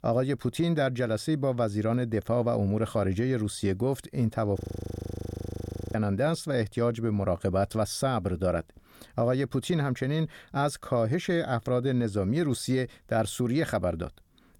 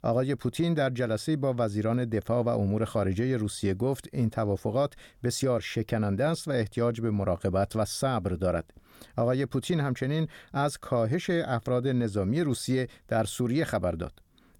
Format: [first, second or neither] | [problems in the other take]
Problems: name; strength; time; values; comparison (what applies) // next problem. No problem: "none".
second | audio freezing; at 4.5 s for 1.5 s